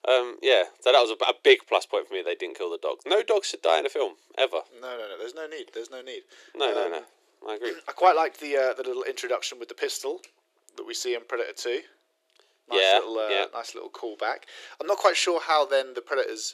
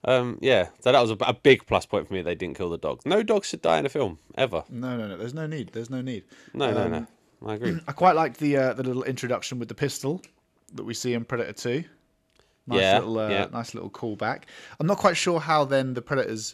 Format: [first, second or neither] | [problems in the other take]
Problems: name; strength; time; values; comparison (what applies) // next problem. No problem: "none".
second | thin; very; fading below 350 Hz